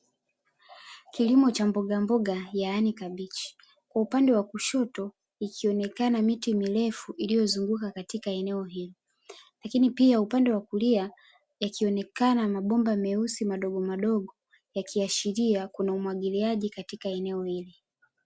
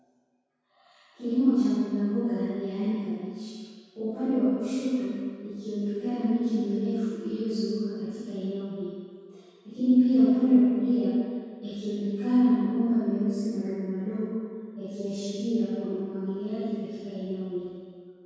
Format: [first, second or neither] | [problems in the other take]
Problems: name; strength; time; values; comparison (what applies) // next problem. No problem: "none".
first | room echo; dies away in 1.9 s